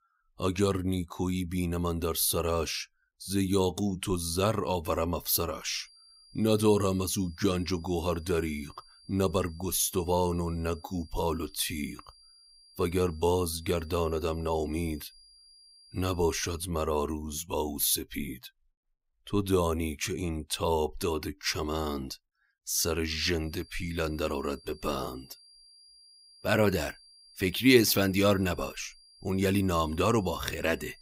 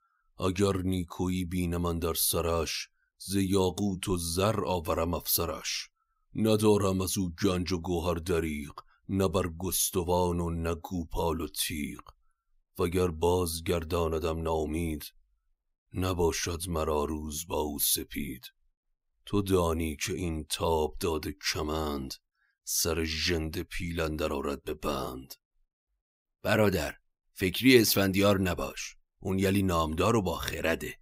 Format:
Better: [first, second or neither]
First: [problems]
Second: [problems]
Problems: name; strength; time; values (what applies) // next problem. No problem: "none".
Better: second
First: high-pitched whine; faint; from 5.5 to 17 s and from 23 s on; 4.5 kHz, 25 dB below the speech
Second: none